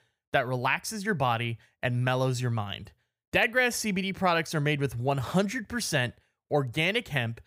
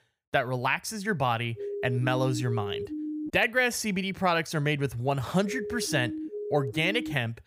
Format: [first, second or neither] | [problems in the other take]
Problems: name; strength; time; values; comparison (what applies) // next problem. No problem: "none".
first | siren; noticeable; from 1.5 to 3.5 s and from 5.5 s on; peak 6 dB below the speech